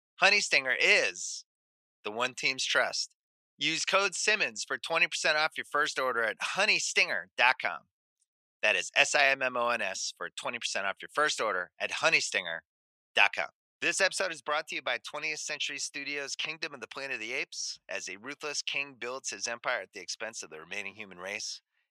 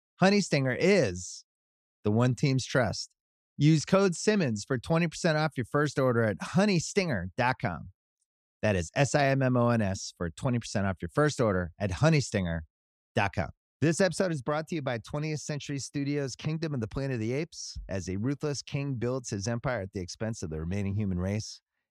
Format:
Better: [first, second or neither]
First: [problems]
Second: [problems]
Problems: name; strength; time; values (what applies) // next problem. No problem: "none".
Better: second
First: thin; very; fading below 800 Hz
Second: none